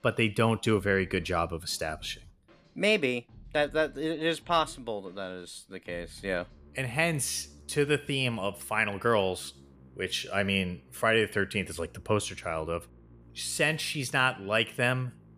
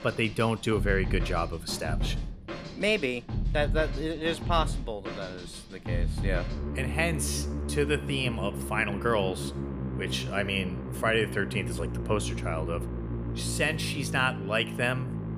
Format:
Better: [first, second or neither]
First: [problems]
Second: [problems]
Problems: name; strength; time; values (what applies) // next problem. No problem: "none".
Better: first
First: background music; faint; throughout; 25 dB below the speech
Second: background music; loud; throughout; 4 dB below the speech